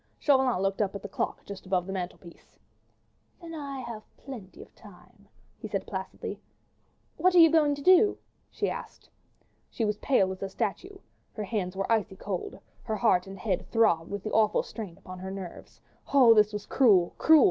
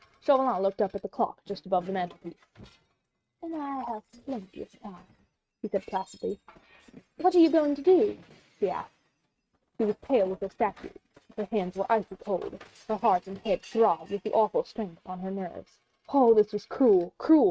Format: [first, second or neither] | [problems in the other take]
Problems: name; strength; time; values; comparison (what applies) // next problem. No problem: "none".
first | noise reduction (neural mask model RNNoise)